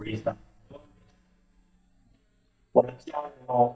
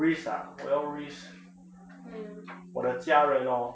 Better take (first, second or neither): second